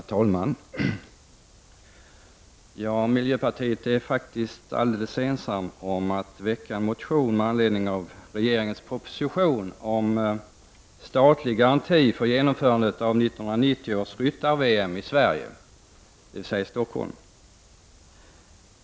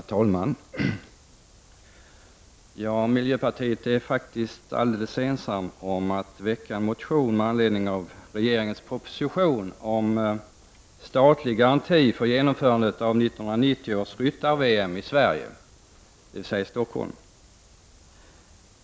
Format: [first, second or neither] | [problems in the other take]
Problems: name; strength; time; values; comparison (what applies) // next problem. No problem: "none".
first | background sound (Wind instrument, woodwind instrument); 19 dB below the speech